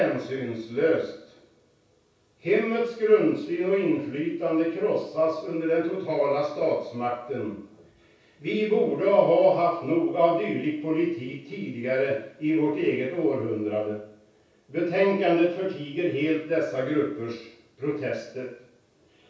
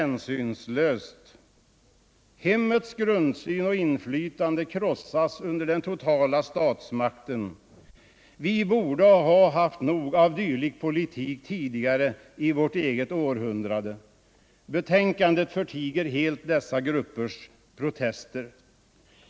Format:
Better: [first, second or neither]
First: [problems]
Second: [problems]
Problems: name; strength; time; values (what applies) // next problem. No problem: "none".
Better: second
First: room echo; dies away in 0.6 s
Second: none